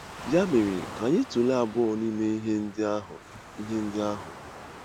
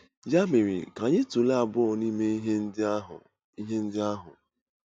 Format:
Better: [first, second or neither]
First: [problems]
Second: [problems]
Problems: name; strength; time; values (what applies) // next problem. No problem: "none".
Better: second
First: background sound (Waves, surf); 15 dB below the speech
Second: none